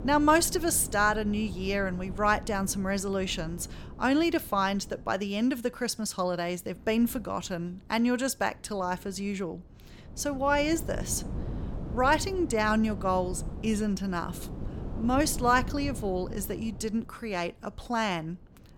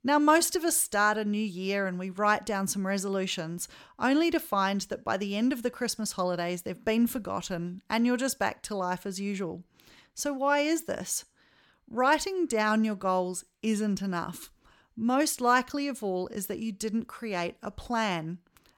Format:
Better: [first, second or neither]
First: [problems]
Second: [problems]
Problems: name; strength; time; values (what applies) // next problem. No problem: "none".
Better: second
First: wind noise on the microphone; occasional gusts; 20 dB below the speech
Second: none